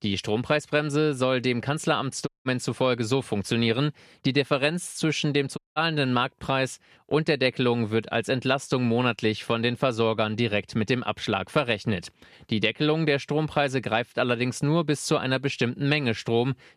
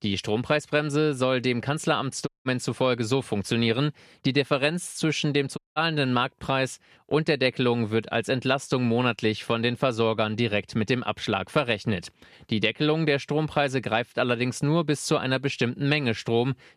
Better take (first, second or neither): neither